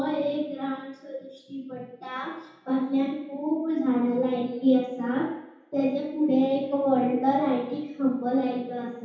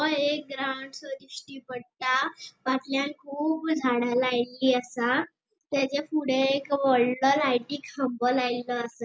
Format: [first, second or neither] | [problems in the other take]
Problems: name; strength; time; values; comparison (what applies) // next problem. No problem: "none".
second | room echo; dies away in 0.8 s